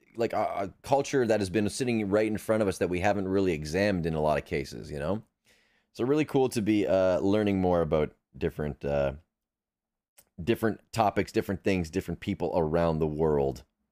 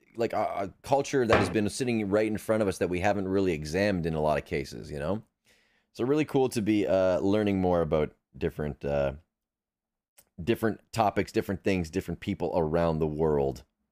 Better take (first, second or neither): first